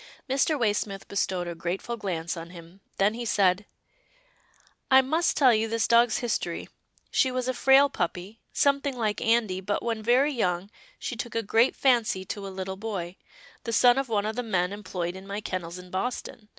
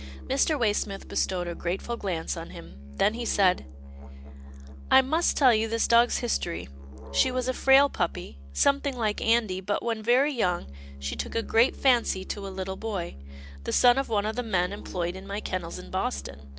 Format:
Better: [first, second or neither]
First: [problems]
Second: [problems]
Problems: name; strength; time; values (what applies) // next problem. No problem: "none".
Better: first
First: none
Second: background sound (Musical instrument); 13 dB below the speech